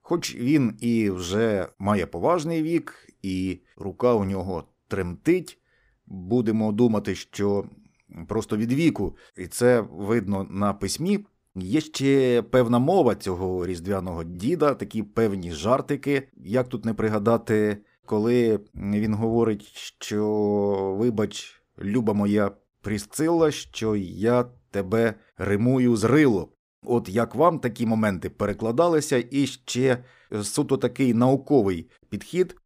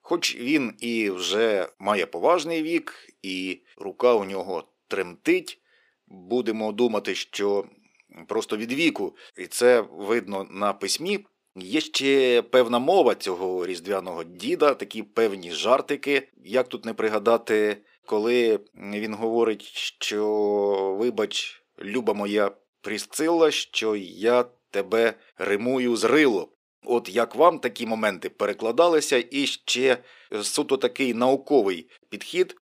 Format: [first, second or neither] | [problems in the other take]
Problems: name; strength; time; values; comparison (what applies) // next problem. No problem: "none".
first | thin; somewhat; fading below 400 Hz